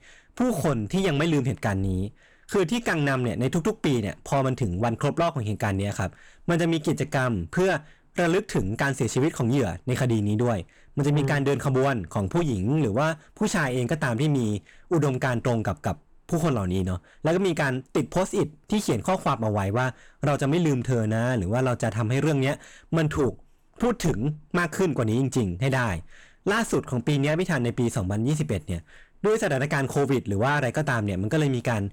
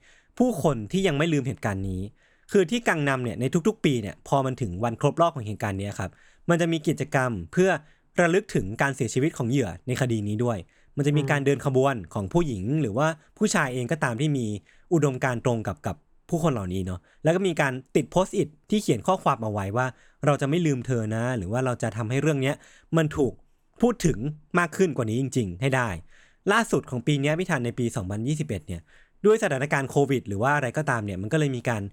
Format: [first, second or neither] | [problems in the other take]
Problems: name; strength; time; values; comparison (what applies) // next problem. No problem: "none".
second | distortion; heavy; 8 dB below the speech